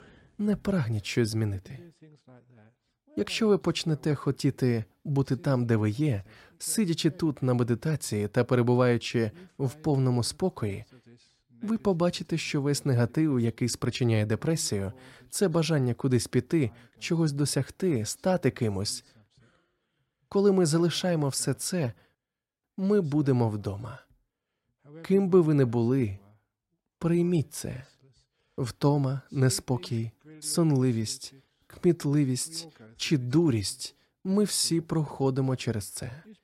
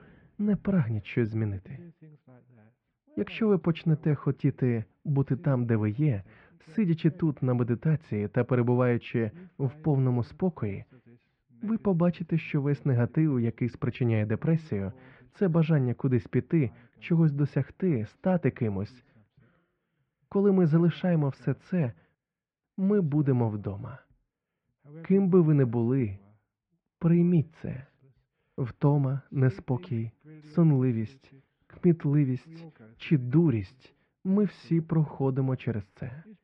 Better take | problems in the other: first | muffled; very; fading above 2.5 kHz

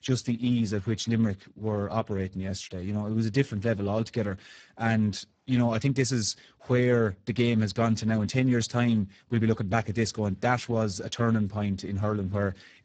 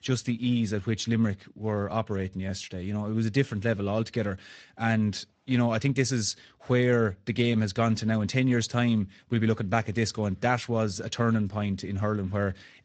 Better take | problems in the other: second | garbled, watery; badly; nothing above 7.5 kHz; slightly in the second

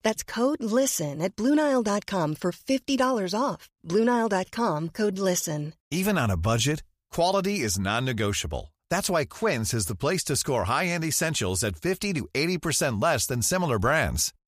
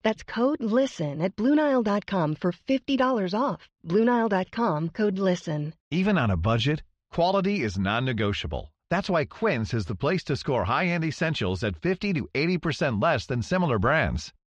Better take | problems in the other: first | muffled; slightly; fading above 4 kHz

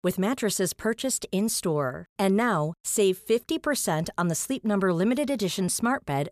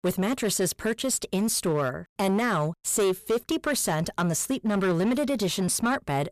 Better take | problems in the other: first | distortion; slight; 12% of the sound clipped

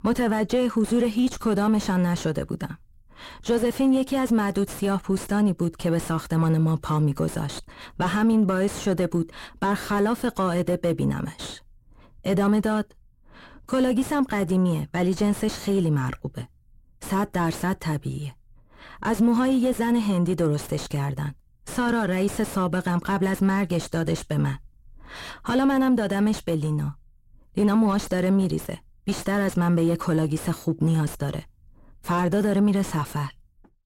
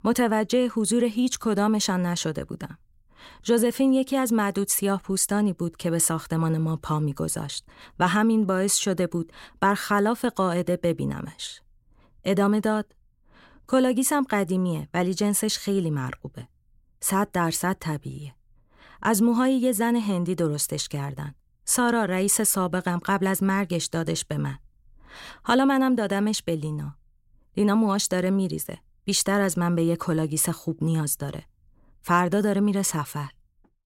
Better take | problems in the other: second | distortion; heavy; 6 dB below the speech

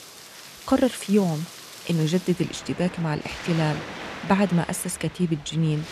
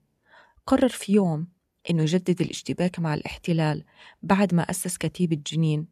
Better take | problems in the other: second | rain or running water; noticeable; throughout; 15 dB below the speech

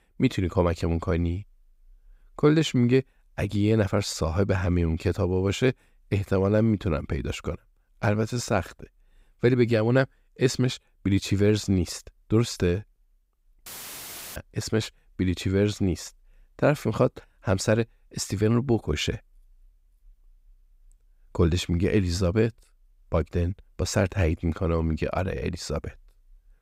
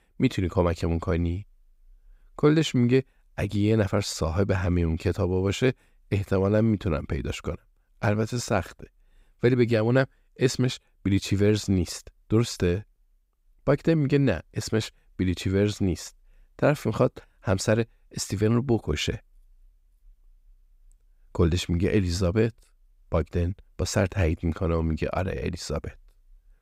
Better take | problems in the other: second | audio cutting out; filled with static; at 14 s for 0.5 s

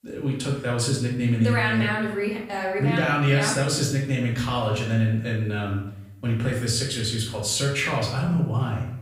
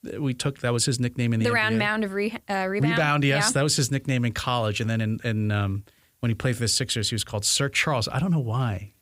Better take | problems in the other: second | off-mic speech; far // room echo; noticeable; dies away in 0.6 s

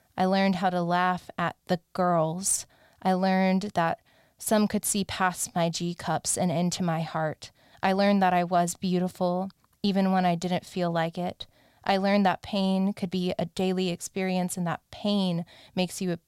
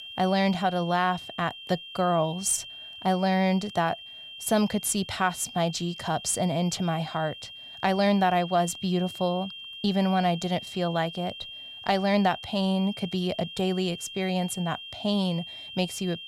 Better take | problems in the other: first | high-pitched whine; noticeable; throughout; 3 kHz, 10 dB below the speech

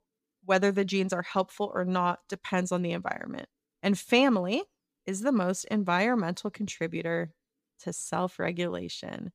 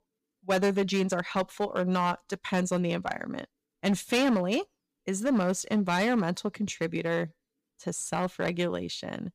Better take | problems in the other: first | distortion; slight; 6% of the sound clipped

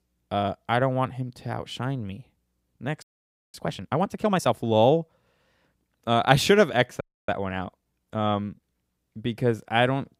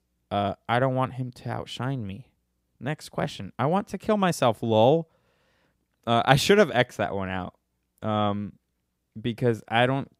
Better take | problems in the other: second | audio freezing; at 3 s for 0.5 s and at 7 s

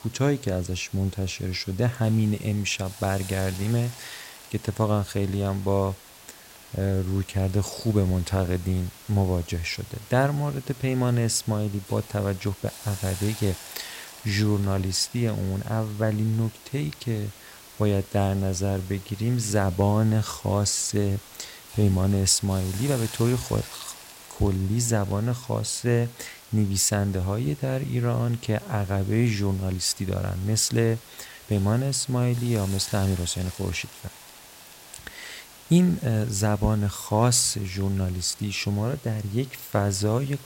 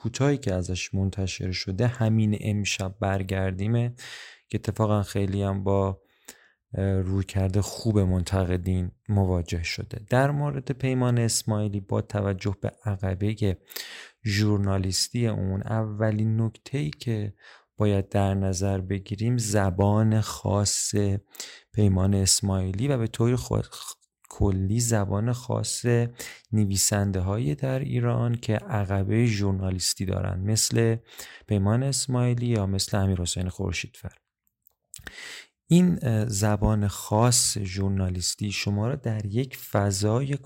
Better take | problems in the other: second | hiss; noticeable; throughout; 15 dB below the speech

